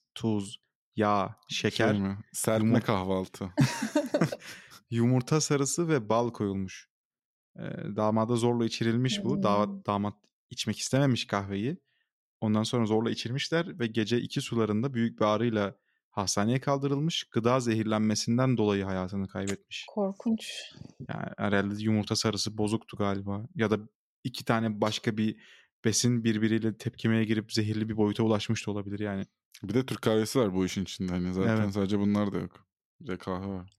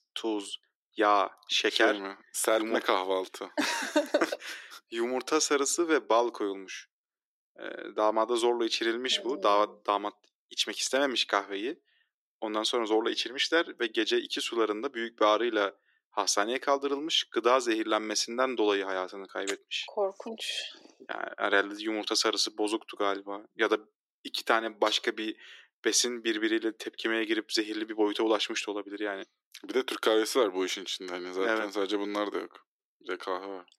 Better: first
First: none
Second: thin; very; fading below 300 Hz

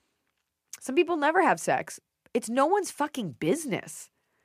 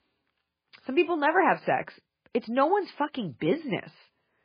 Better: first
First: none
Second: garbled, watery; badly; nothing above 5 kHz

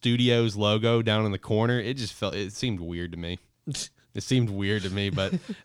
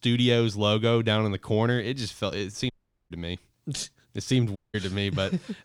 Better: first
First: none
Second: audio cutting out; at 2.5 s and at 4.5 s

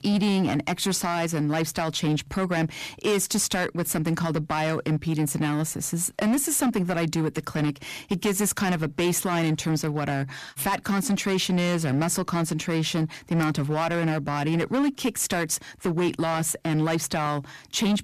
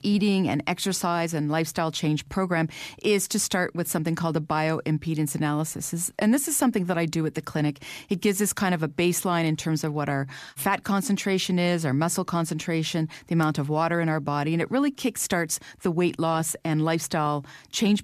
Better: second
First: distortion; slight; 12% of the sound clipped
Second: none

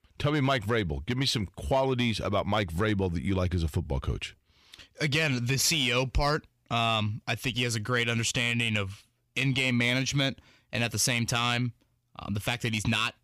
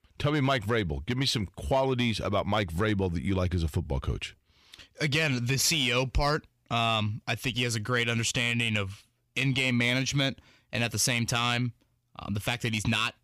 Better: neither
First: none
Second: none

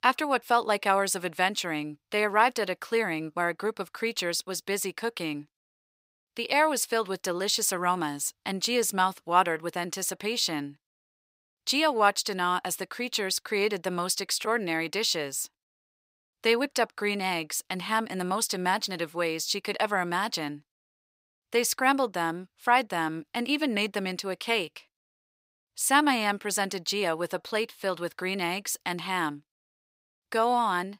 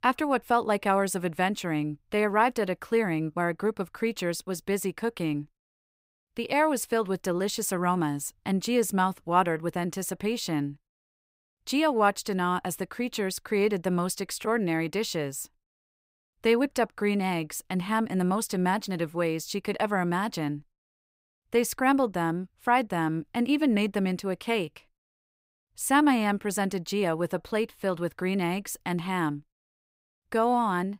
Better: second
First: thin; very slightly; fading below 1 kHz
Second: none

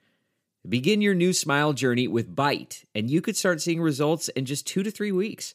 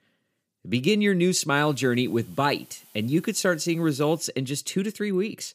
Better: first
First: none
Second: hiss; faint; from 1.5 to 4 s; 25 dB below the speech

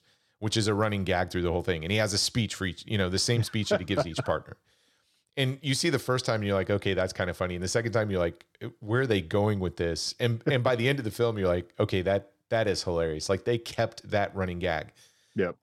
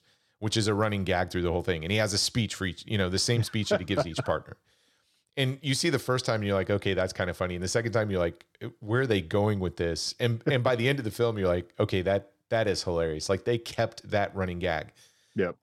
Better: neither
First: none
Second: none

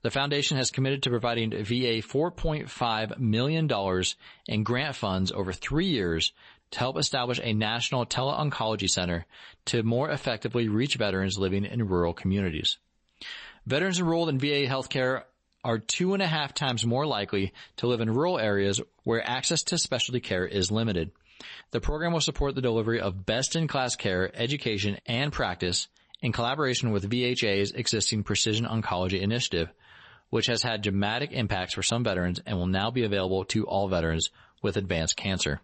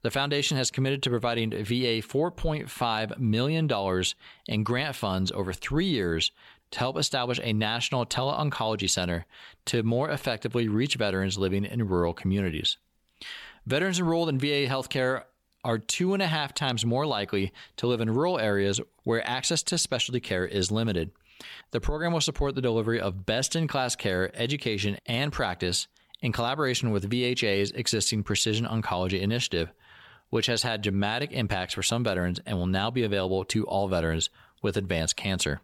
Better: second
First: garbled, watery; slightly; nothing above 8 kHz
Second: none

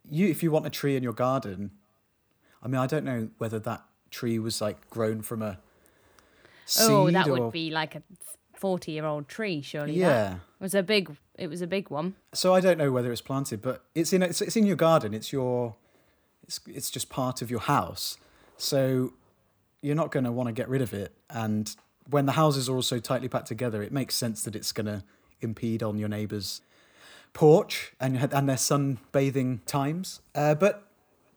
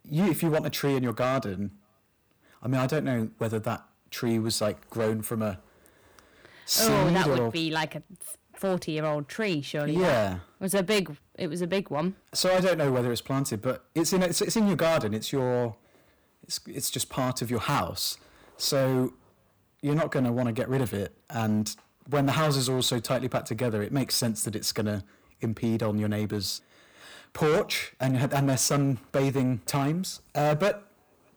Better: first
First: none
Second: distortion; heavy; 9% of the sound clipped

